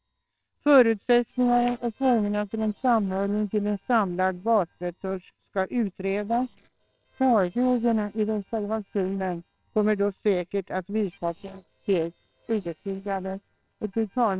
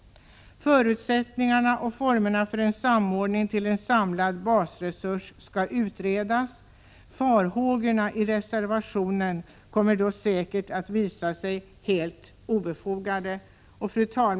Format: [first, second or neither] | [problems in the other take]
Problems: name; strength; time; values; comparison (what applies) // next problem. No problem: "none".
second | noise reduction (neural separator model SepFormer WHAMR!)